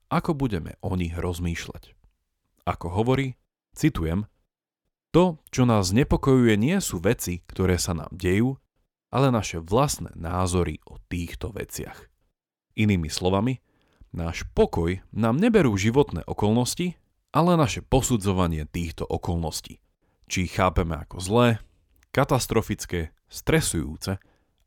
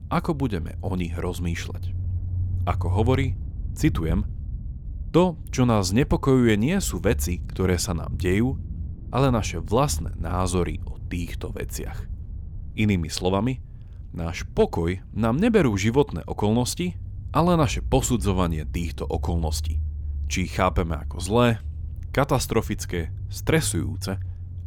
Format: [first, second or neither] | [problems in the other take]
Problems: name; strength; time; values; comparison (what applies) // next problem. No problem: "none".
first | low rumble; faint; throughout; 25 dB below the speech